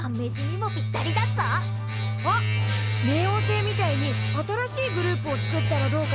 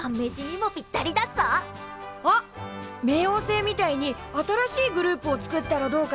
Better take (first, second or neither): second